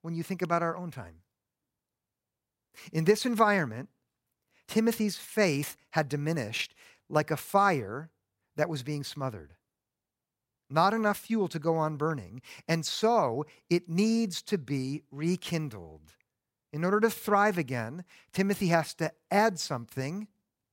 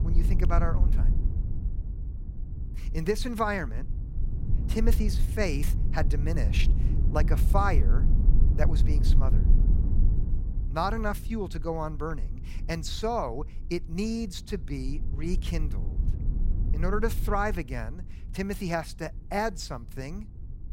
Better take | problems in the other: first | low rumble; noticeable; throughout; 15 dB below the speech

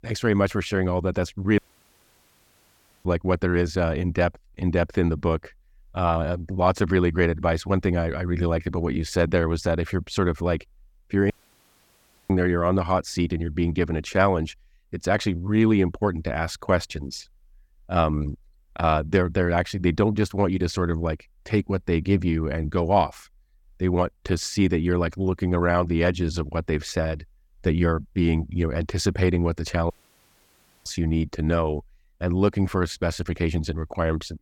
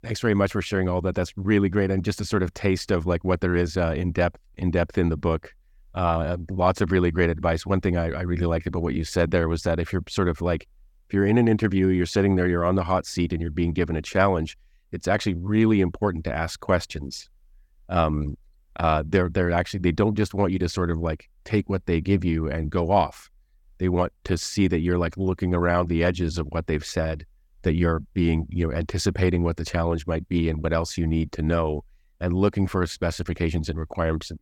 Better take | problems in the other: second | audio cutting out; at 1.5 s for 1.5 s, at 11 s for 1 s and at 30 s for 1 s

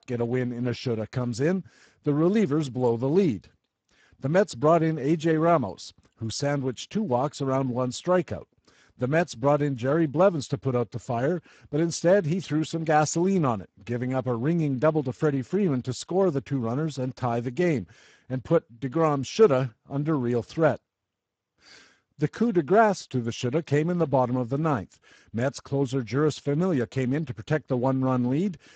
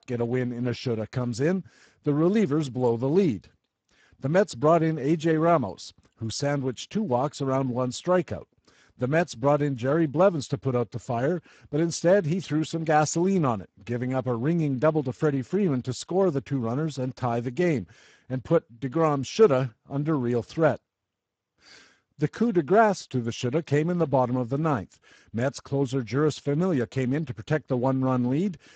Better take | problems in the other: neither | garbled, watery; badly; nothing above 7.5 kHz; the same in both

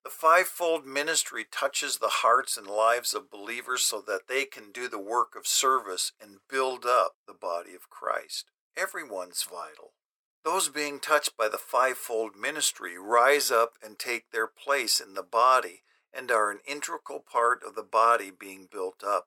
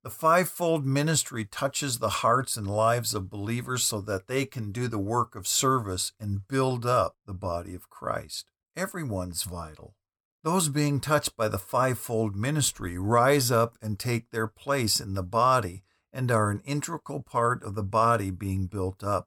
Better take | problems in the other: second | thin; very; fading below 400 Hz

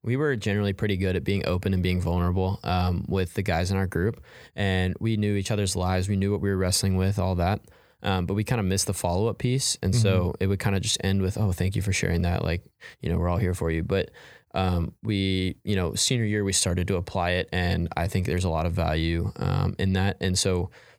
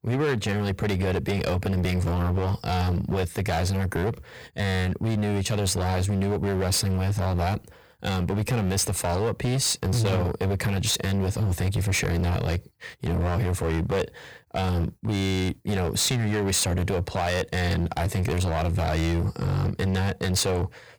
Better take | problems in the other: first | distortion; heavy; 22% of the sound clipped

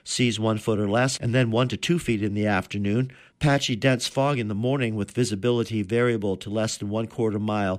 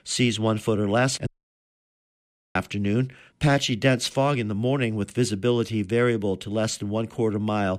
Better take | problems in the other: first | audio cutting out; at 1.5 s for 1.5 s

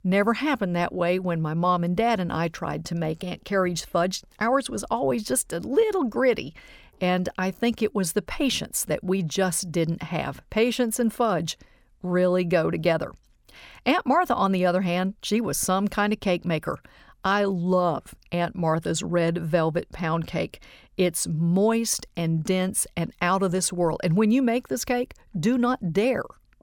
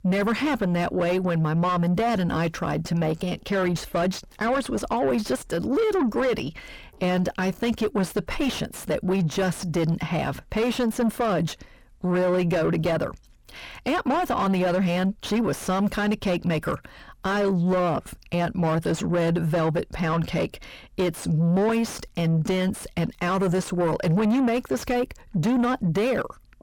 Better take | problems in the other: first | distortion; heavy; 7 dB below the speech

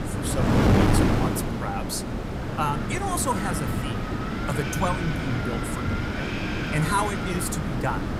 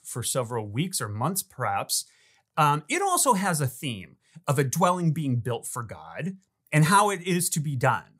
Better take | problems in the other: second | wind noise on the microphone; heavy; 1 dB above the speech

